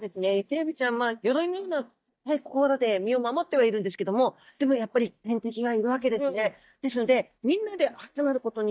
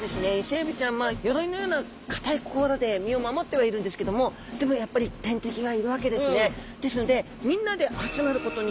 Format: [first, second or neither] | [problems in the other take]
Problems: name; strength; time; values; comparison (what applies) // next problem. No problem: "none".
second | noise reduction (neural mask model DeepFilterNet 3)